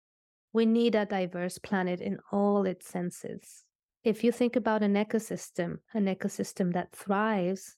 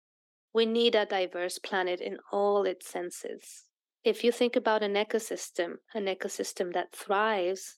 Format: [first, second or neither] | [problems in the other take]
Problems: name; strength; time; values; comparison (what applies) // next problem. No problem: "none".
first | thin; somewhat; fading below 250 Hz